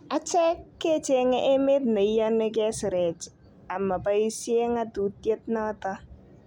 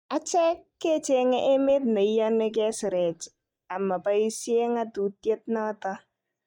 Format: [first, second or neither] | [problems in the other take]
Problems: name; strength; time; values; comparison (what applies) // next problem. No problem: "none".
first | noise reduction (neural mask model DeepFilterNet 3)